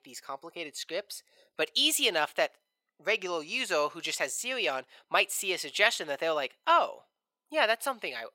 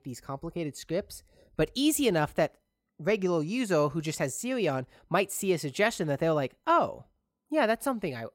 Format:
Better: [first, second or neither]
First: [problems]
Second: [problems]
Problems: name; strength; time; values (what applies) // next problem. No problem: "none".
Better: second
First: thin; very; fading below 600 Hz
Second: none